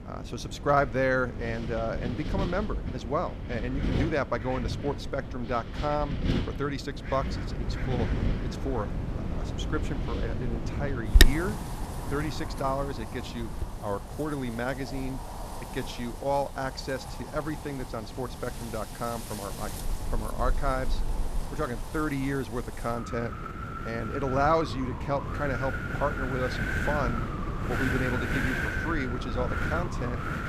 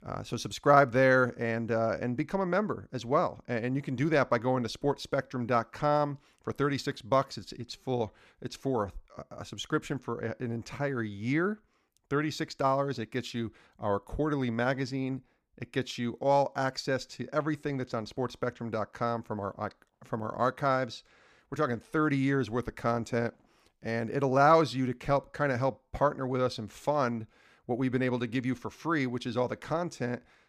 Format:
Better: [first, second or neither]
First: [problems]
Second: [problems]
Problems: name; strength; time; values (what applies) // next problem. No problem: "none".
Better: second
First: wind in the background; loud; throughout; 1 dB below the speech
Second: none